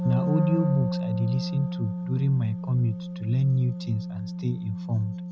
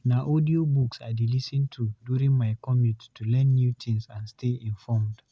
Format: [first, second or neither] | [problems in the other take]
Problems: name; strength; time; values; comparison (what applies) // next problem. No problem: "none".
second | background sound (Wind instrument, woodwind instrument); 4 dB below the speech